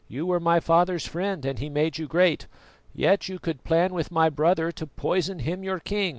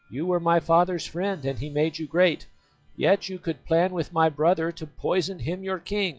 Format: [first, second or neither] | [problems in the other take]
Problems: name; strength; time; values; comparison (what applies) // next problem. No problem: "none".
first | noise reduction (classical method log-MMSE)